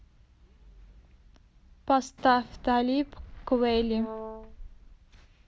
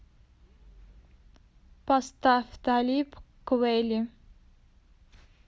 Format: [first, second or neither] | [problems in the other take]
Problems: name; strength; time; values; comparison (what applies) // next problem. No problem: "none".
second | background sound (Fireworks + Brass instrument); 13 dB below the speech